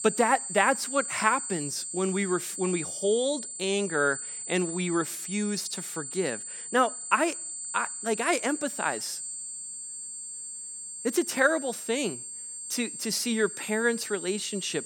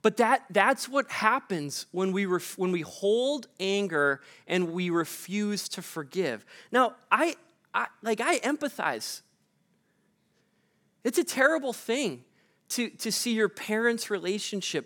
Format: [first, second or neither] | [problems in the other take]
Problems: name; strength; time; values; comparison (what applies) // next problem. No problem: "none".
second | high-pitched whine; loud; throughout; 8 kHz, 6 dB below the speech